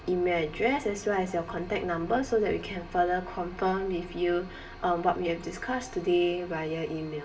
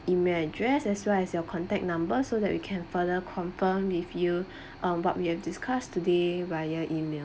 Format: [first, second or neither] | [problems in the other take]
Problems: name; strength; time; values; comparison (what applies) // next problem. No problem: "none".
second | room echo; dies away in 0.8 s